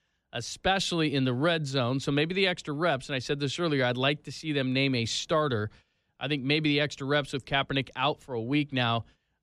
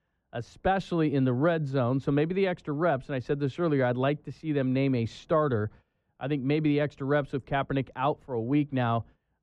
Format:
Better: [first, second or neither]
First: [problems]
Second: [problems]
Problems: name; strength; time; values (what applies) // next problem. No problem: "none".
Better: first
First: none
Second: muffled; very; fading above 2 kHz